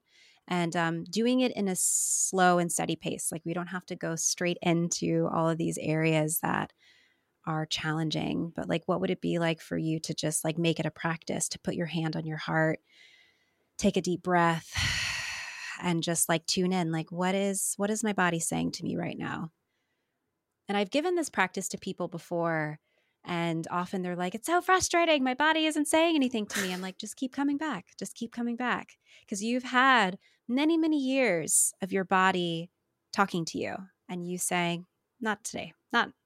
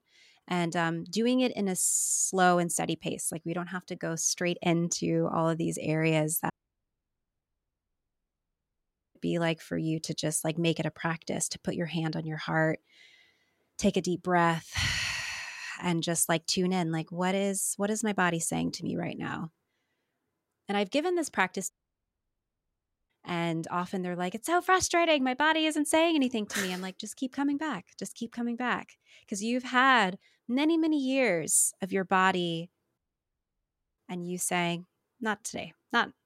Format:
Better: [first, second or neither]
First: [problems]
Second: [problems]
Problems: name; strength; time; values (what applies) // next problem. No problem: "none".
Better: first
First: none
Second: audio cutting out; at 6.5 s for 2.5 s, at 22 s for 1.5 s and at 33 s for 1 s